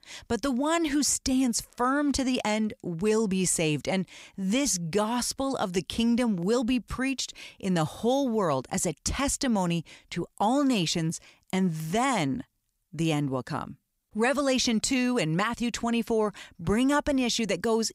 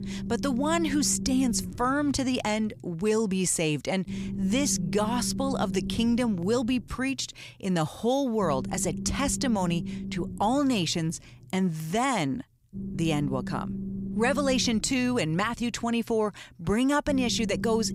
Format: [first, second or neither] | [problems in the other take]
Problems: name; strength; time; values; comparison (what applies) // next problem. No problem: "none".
first | low rumble; noticeable; throughout; 15 dB below the speech